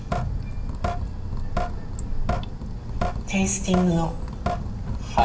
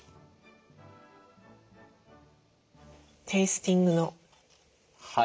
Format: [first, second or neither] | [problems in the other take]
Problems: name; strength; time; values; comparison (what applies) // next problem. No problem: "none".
second | background sound (Drip / Sink (filling or washing)); 2 dB above the speech // room echo; dies away in 0.8 s